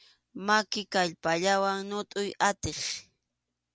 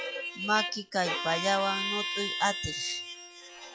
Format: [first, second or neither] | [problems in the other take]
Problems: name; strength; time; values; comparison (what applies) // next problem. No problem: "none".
first | noise reduction (classical method log-MMSE)